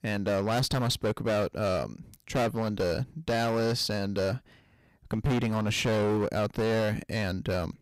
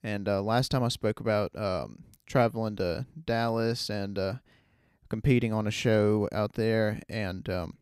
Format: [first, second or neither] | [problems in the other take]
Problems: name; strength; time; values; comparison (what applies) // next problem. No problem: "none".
second | distortion; heavy; 17% of the sound clipped